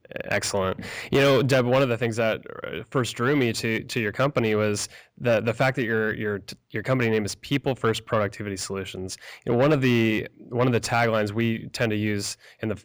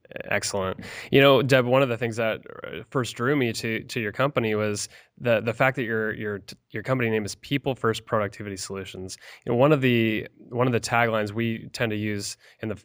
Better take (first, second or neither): second